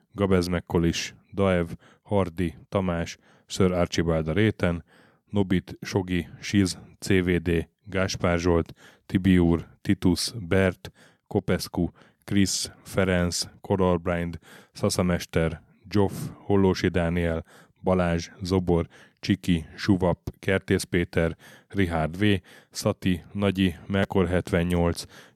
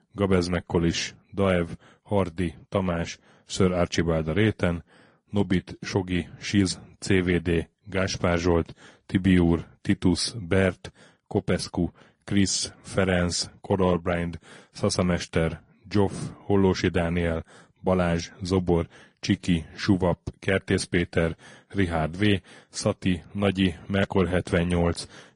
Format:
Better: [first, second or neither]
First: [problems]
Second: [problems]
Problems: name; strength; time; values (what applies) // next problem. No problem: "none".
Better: first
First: none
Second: garbled, watery; slightly; nothing above 10.5 kHz